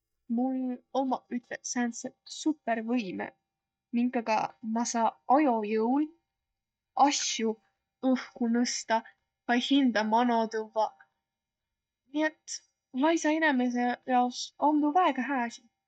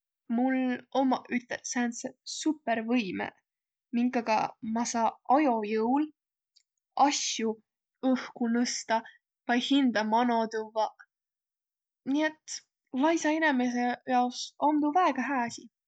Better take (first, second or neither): second